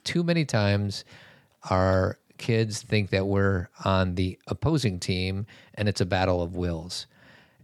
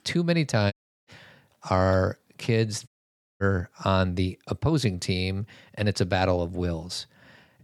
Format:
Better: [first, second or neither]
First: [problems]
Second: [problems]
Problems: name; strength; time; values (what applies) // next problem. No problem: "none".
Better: first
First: none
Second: audio cutting out; at 0.5 s and at 3 s for 0.5 s